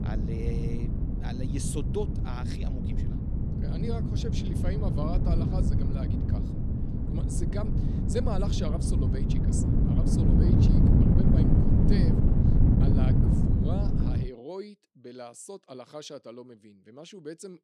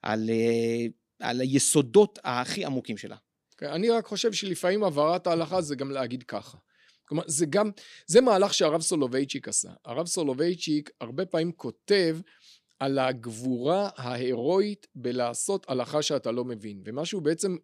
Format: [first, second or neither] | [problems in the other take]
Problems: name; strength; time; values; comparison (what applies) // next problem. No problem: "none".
second | wind noise on the microphone; heavy; until 14 s; 4 dB above the speech